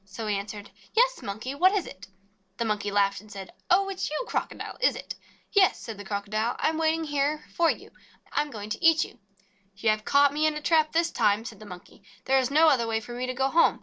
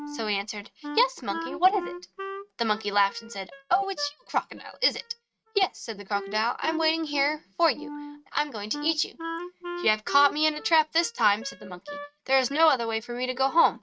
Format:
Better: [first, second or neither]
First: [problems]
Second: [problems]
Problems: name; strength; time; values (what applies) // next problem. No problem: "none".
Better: first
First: none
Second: noise reduction (neural mask model RNNoise)